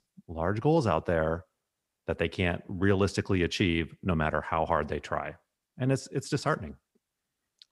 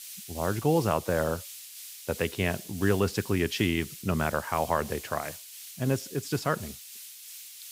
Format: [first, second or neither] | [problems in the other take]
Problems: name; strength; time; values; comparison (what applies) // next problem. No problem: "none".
first | hiss; noticeable; throughout; 10 dB below the speech